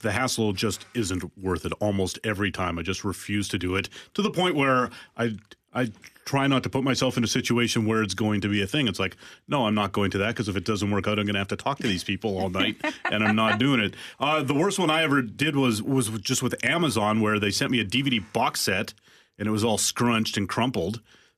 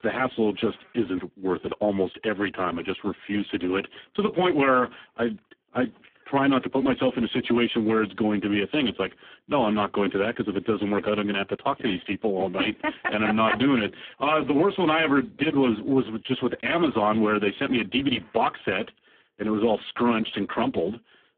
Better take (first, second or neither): first